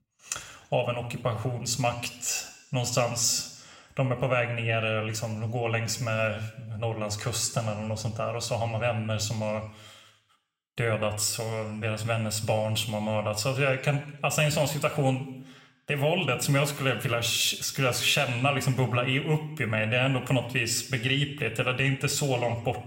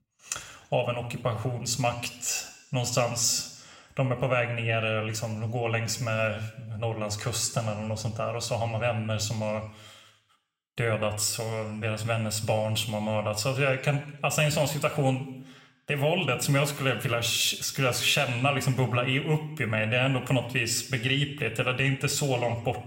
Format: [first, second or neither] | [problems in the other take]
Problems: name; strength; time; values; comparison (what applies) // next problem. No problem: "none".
neither | room echo; slight; dies away in 0.8 s; the same in both